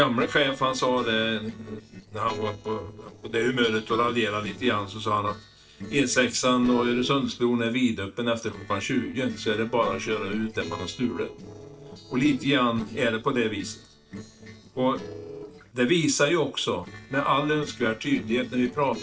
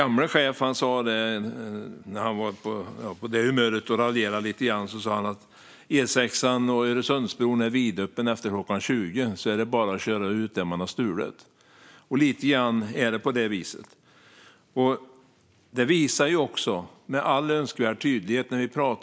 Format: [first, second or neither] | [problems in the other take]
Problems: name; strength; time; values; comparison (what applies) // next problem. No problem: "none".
second | noise reduction (neural separator model SepFormer DNS4)